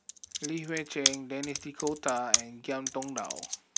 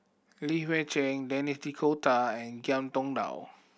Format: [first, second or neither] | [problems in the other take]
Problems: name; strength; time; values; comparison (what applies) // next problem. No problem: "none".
second | background sound (Computer keyboard); 1 dB above the speech